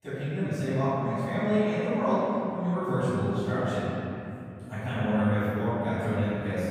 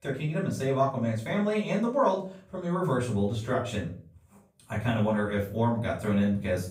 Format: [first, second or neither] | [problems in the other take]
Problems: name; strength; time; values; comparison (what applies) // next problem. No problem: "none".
second | room echo; strong; dies away in 3 s; slight in the second // off-mic speech; far; far in the second